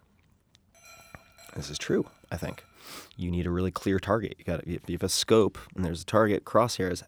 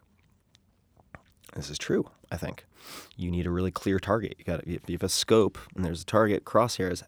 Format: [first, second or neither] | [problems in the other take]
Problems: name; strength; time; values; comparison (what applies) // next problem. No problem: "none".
second | animal sounds; faint; throughout; 25 dB below the speech